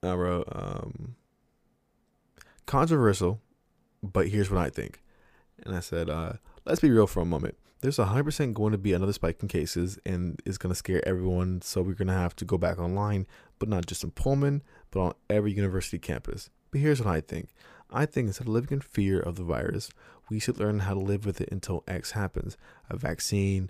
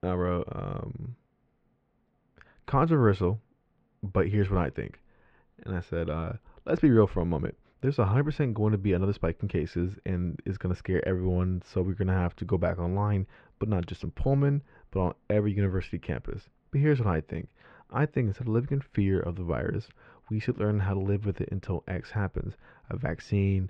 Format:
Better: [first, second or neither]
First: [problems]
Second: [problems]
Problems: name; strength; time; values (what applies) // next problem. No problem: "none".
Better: first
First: none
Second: muffled; very; fading above 3 kHz